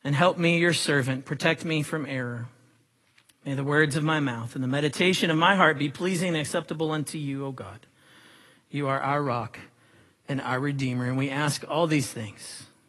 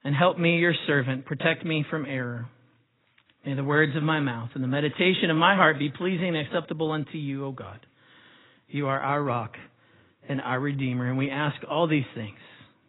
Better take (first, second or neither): first